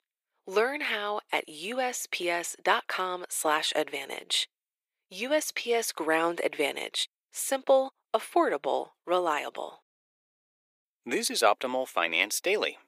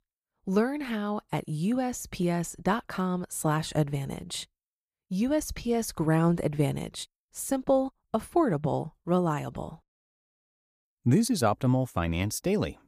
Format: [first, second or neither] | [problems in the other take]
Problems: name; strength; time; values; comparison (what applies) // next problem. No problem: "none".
second | thin; very; fading below 400 Hz